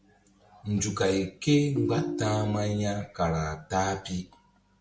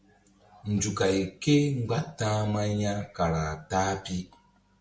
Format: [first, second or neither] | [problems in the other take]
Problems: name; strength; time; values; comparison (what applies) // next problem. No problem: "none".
second | background sound (Ringtone); 5 dB below the speech